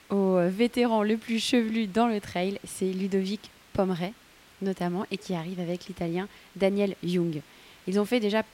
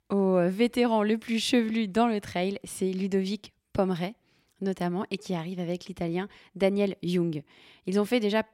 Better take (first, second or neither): second